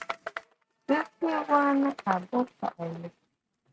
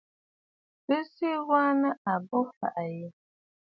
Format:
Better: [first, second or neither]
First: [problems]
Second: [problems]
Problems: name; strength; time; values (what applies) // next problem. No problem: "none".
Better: second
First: noise reduction (neural mask model RNNoise)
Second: none